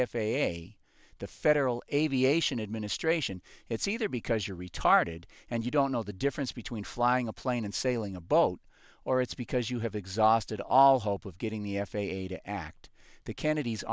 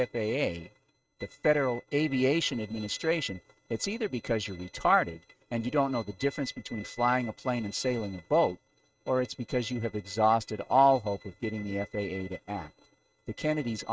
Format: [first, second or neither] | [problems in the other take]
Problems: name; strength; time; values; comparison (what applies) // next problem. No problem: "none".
first | noise reduction (neural mask model RNNoise)